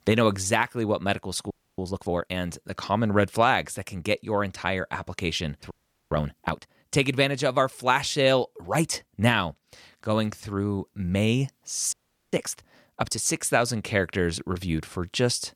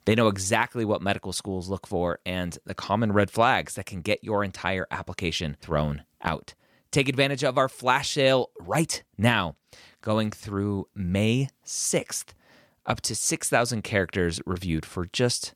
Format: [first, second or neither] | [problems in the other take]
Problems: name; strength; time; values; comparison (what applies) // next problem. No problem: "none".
second | audio freezing; at 1.5 s, at 5.5 s and at 12 s